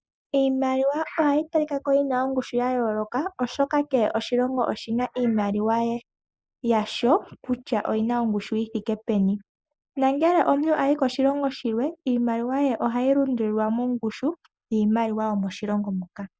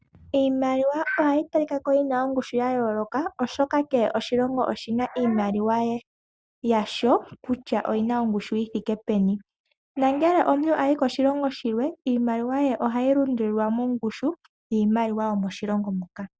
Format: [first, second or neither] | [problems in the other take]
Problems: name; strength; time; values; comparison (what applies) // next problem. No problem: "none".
second | noise reduction (neural mask model Resemble Enhance denoiser)